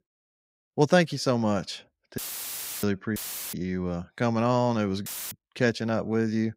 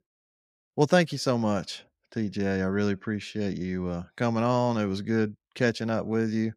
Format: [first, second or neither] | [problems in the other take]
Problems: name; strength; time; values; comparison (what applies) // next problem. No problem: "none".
second | audio cutting out; filled with static; at 2 s for 0.5 s, at 3 s and at 5 s